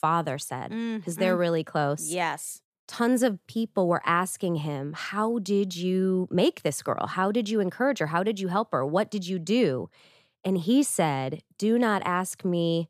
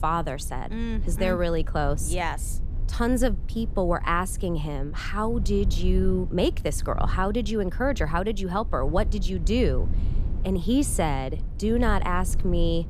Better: first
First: none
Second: low rumble; noticeable; throughout; 20 dB below the speech

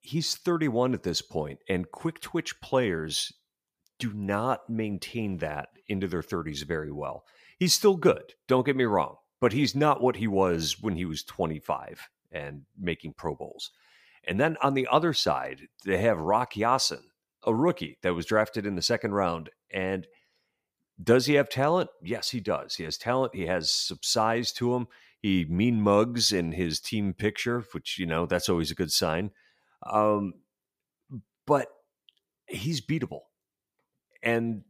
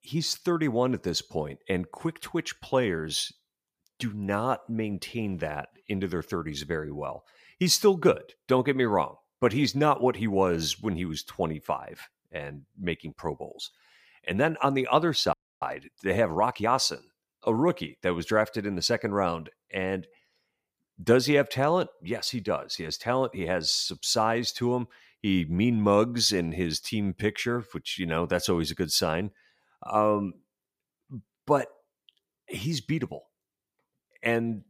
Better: first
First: none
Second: audio freezing; at 15 s

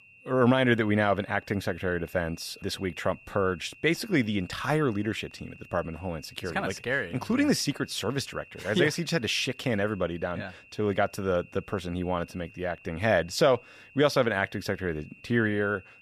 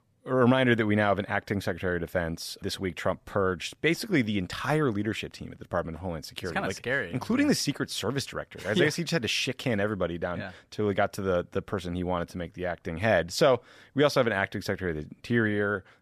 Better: second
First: high-pitched whine; faint; throughout; 2.5 kHz, 25 dB below the speech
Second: none

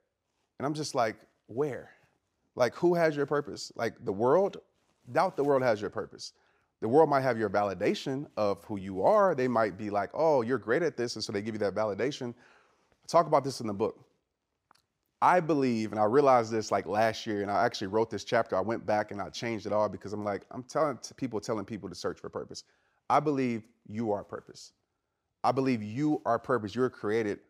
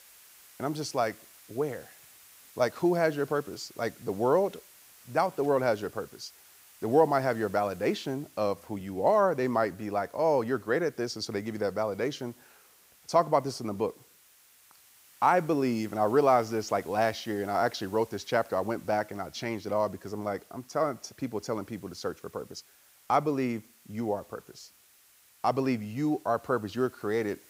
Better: first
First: none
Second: hiss; faint; throughout; 25 dB below the speech

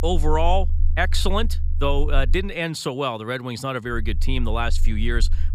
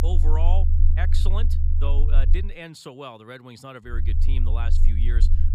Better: first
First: low rumble; faint; until 2.5 s and from 4 s on; 20 dB below the speech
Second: low rumble; loud; until 2.5 s and from 4 s on; 6 dB below the speech

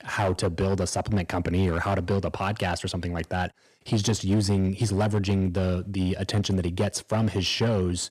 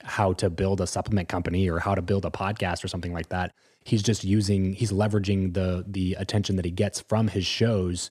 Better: second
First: distortion; slight; 8% of the sound clipped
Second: none

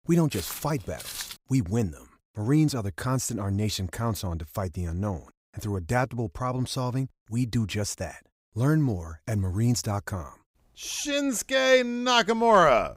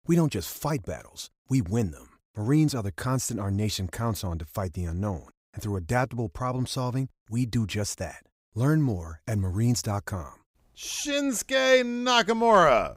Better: second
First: footsteps; noticeable; until 1.5 s; peak 9 dB below the speech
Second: none

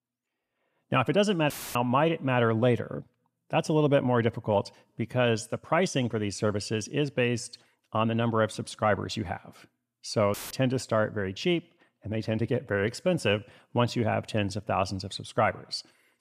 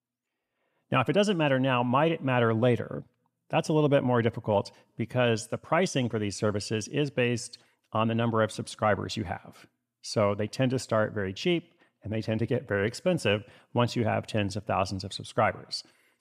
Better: second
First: audio cutting out; filled with static; at 1.5 s and at 10 s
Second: none

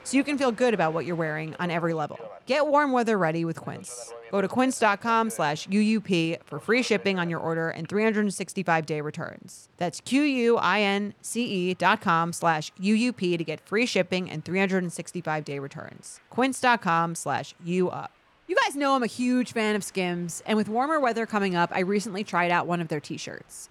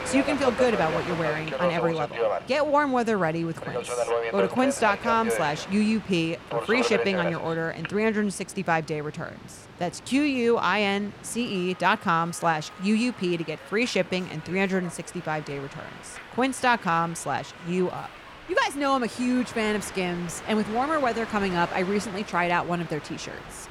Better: first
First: train or aircraft noise; faint; throughout; 25 dB below the speech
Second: train or aircraft noise; loud; throughout; 7 dB below the speech

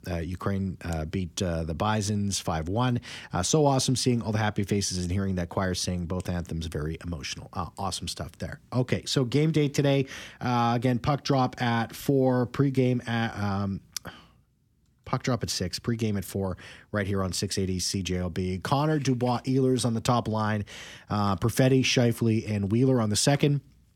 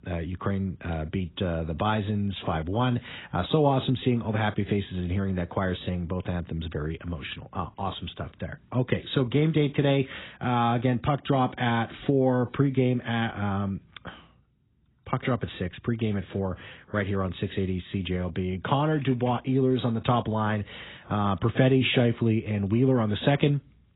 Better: first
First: none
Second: garbled, watery; badly; nothing above 4 kHz

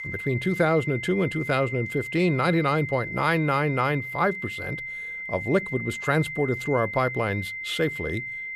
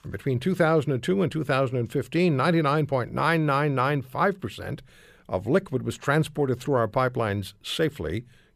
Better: second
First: high-pitched whine; loud; throughout; 2 kHz, 7 dB below the speech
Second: none

